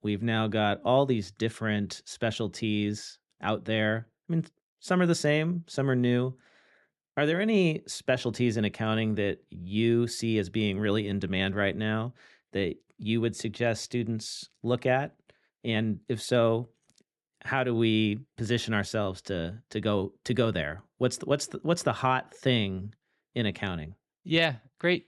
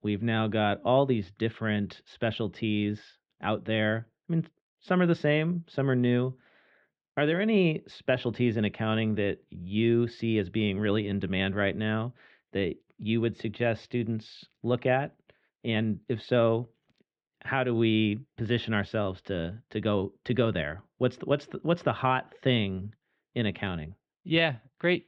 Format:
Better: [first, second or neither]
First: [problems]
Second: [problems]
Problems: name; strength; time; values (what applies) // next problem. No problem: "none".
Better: first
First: none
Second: muffled; slightly; fading above 3 kHz